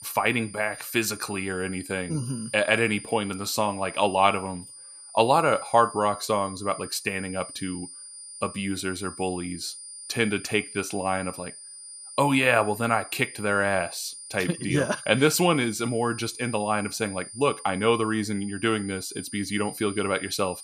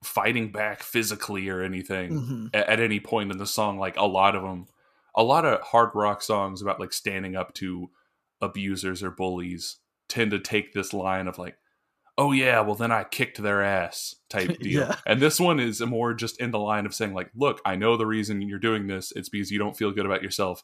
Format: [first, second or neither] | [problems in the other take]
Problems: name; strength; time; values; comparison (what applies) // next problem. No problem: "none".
second | high-pitched whine; noticeable; throughout; 9.5 kHz, 15 dB below the speech